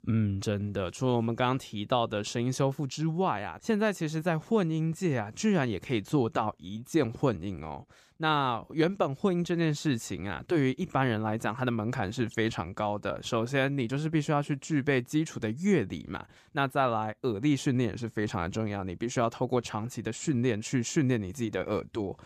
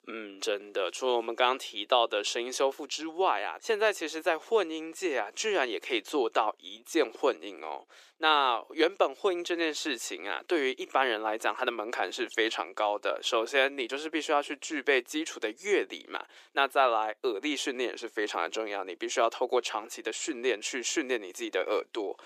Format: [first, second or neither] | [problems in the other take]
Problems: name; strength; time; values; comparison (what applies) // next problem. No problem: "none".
first | thin; very; fading below 350 Hz